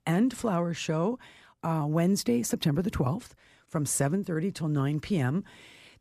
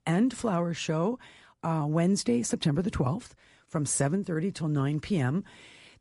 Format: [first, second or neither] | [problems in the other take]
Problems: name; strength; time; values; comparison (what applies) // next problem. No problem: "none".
first | garbled, watery; slightly; nothing above 11 kHz